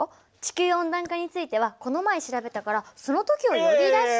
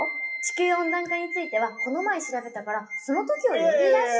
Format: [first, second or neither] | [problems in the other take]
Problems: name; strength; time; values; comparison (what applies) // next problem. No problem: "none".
first | noise reduction (classical method WPE with log-MMSE)